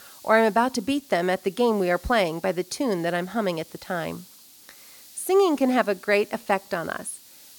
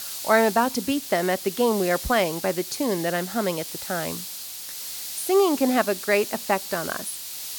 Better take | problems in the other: first | hiss; loud; throughout; 8 dB below the speech; faint in the first

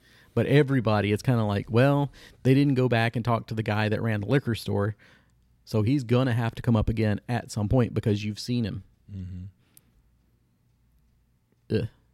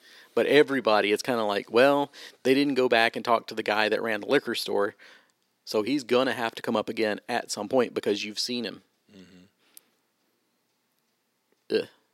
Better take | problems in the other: first | thin; somewhat; fading below 350 Hz

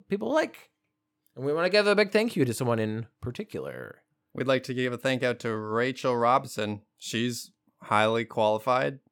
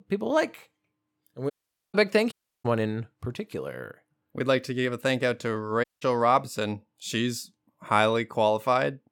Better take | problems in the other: first | audio cutting out; at 1.5 s, at 2.5 s and at 6 s

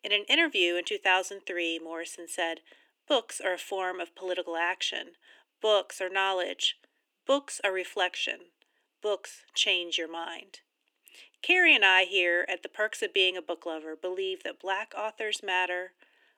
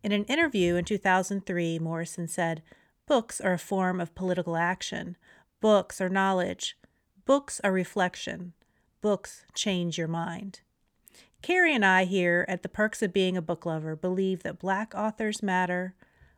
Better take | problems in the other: second | thin; very; fading below 300 Hz

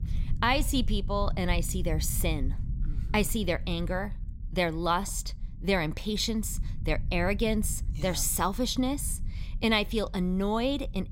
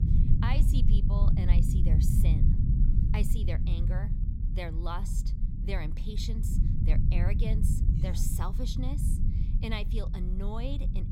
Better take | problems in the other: first | low rumble; loud; throughout; 2 dB below the speech; faint in the first

